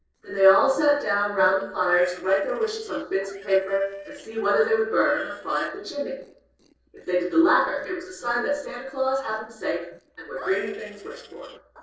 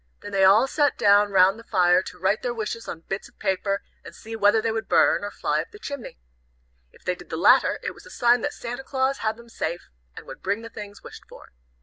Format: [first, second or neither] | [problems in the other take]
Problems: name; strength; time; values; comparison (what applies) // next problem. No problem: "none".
second | noise reduction (neural separator model SepFormer DNS4)